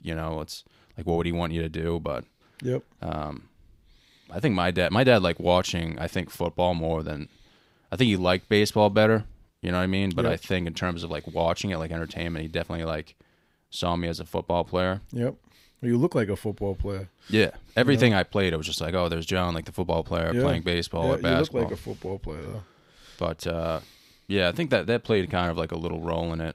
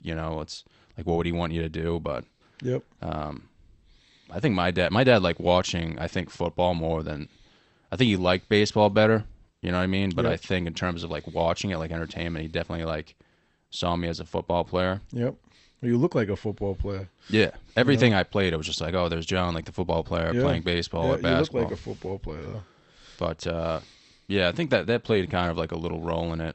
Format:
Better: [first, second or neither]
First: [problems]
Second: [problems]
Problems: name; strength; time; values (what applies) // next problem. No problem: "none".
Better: first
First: none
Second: garbled, watery; slightly; nothing above 8 kHz